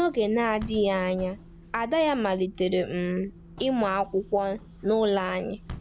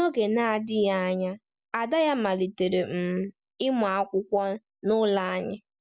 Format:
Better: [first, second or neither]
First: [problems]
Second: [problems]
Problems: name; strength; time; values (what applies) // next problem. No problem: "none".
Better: second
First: background sound (Bus / Engine); 18 dB below the speech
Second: none